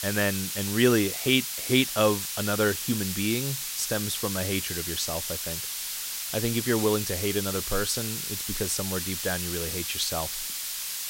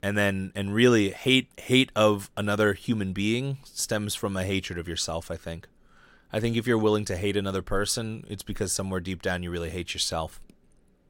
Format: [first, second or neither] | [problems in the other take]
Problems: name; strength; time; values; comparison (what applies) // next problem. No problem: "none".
second | hiss; loud; throughout; 2 dB below the speech